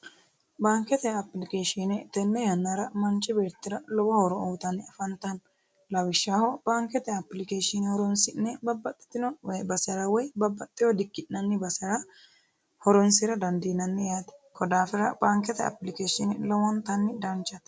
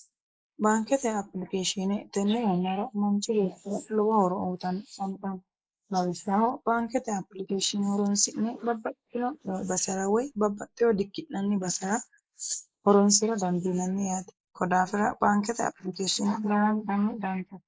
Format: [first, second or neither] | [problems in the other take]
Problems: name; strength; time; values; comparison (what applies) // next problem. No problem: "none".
first | noise reduction (neural mask model Resemble Enhance denoiser)